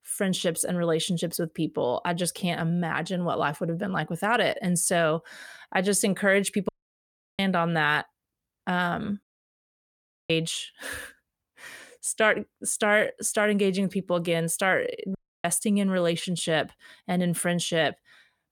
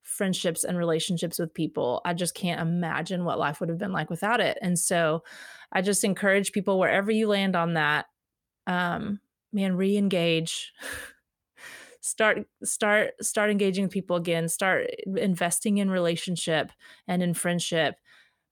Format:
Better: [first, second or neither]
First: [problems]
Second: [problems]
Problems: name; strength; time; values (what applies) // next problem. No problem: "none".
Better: second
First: audio cutting out; at 6.5 s for 0.5 s, at 9 s for 1 s and at 15 s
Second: none